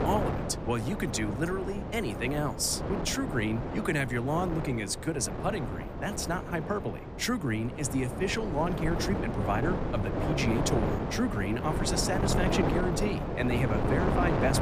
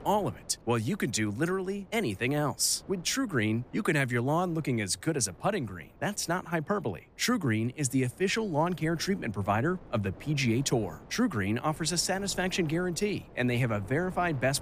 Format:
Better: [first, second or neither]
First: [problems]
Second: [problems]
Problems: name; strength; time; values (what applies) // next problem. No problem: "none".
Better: second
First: wind noise on the microphone; heavy; 3 dB below the speech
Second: wind noise on the microphone; occasional gusts; 25 dB below the speech